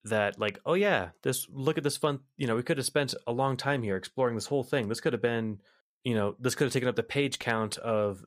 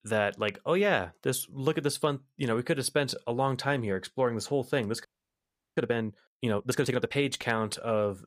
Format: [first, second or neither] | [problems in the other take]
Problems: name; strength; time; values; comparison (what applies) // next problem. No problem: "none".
first | audio freezing; at 5 s for 0.5 s